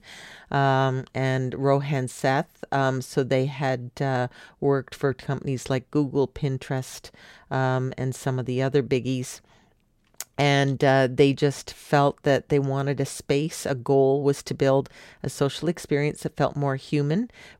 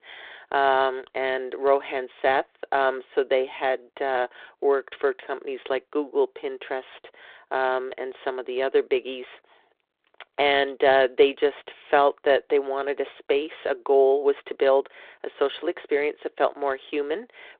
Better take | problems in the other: first | phone-call audio

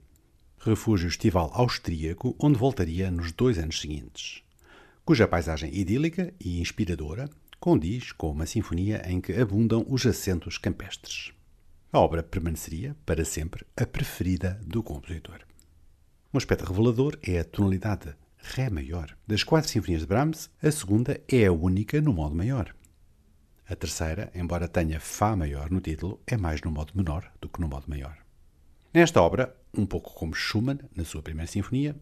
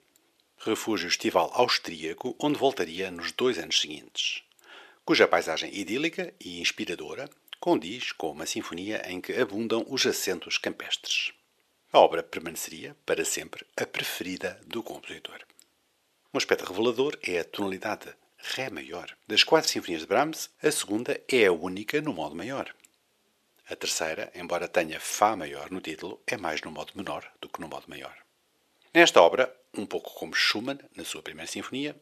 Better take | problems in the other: first | thin; very; fading below 500 Hz

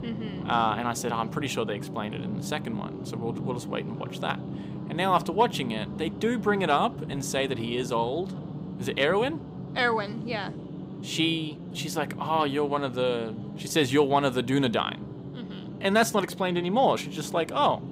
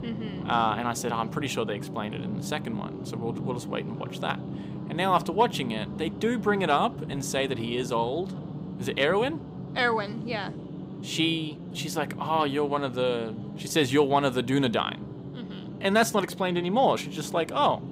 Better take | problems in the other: neither | low rumble; noticeable; throughout; 15 dB below the speech; the same in both

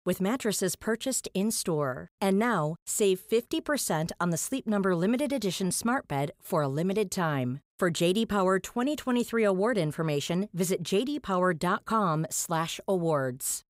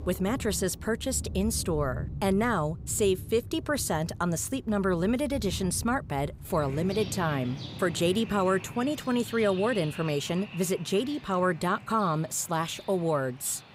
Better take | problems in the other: first | rain or running water; noticeable; throughout; 10 dB below the speech

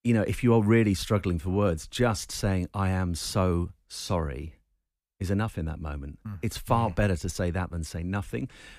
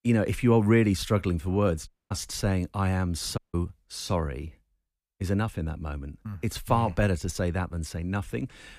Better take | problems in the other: first | audio cutting out; at 2 s and at 3.5 s

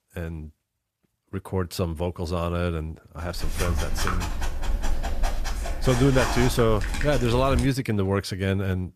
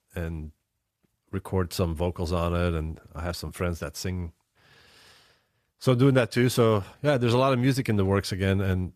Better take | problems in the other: second | dog barking; noticeable; from 3.5 to 7.5 s; peak 1 dB below the speech

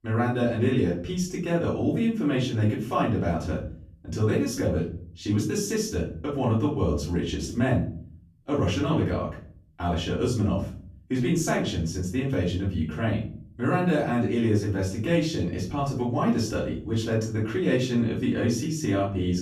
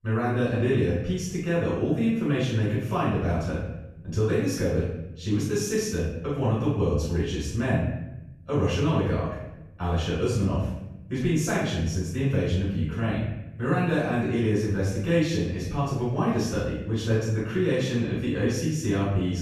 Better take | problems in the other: first | room echo; strong; dies away in 0.9 s; slight in the first // off-mic speech; far; far in the first

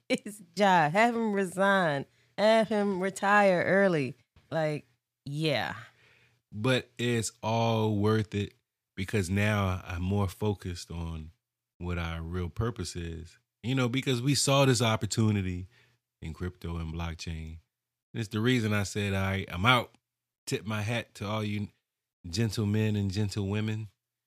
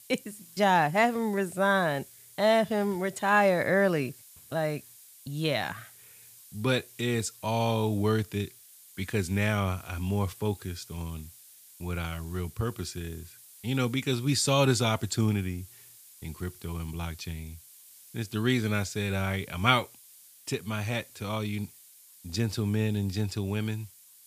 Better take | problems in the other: first | hiss; faint; throughout; 20 dB below the speech

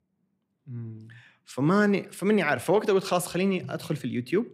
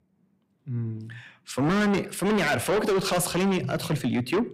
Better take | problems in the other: first | distortion; heavy; 5 dB below the speech

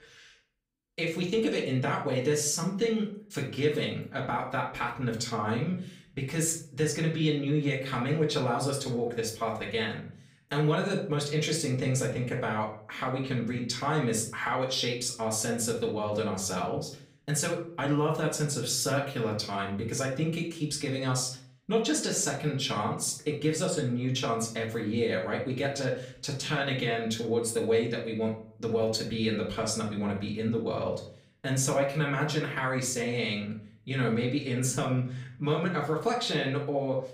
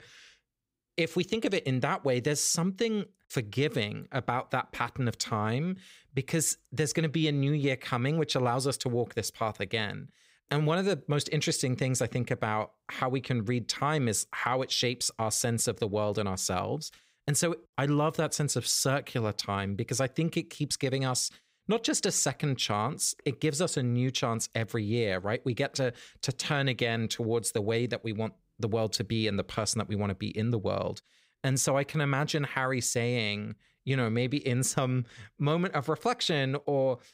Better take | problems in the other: second | off-mic speech; far // room echo; slight; dies away in 0.4 s

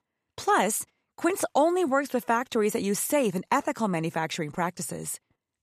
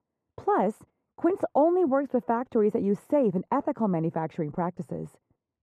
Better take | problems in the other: first | muffled; very; fading above 2 kHz

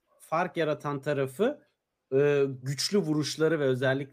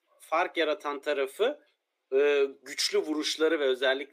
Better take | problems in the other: first | thin; somewhat; fading below 300 Hz

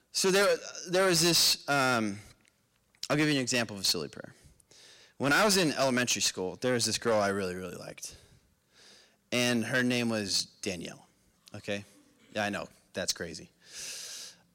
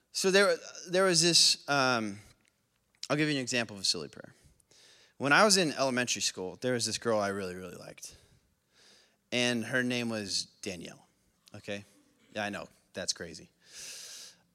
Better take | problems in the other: second | distortion; heavy; 6% of the sound clipped

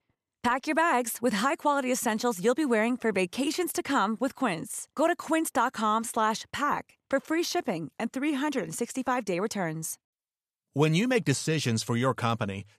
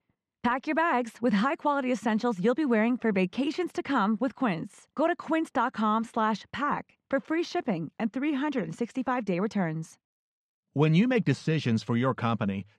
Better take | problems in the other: first | muffled; slightly; fading above 3.5 kHz

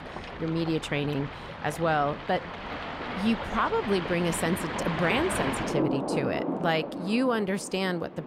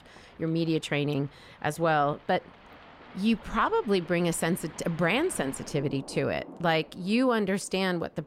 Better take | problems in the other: second | rain or running water; loud; throughout; 5 dB below the speech; faint in the second

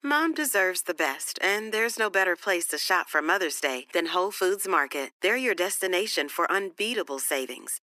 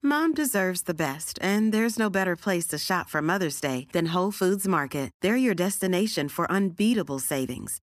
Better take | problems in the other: second | thin; very; fading below 350 Hz

